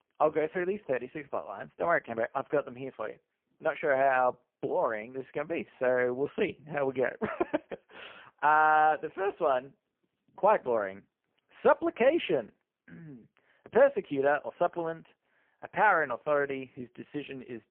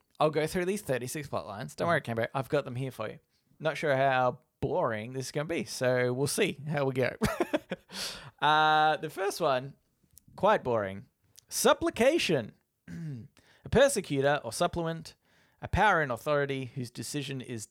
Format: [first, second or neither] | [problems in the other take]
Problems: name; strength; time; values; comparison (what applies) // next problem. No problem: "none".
second | phone-call audio; poor line